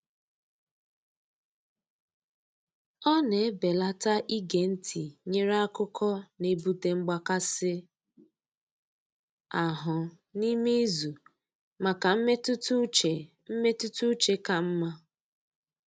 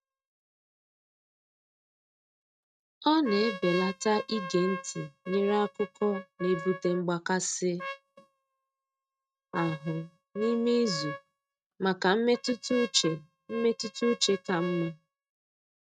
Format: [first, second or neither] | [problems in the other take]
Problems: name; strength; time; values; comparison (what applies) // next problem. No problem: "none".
first | noise reduction (neural mask model RNNoise)